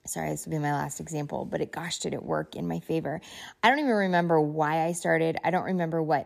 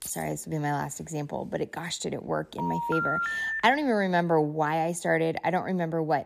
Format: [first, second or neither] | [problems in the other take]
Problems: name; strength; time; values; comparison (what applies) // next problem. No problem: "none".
first | jangling keys; faint; at the start; peak 10 dB below the speech // phone ringing; loud; from 2.5 to 3.5 s; peak 1 dB above the speech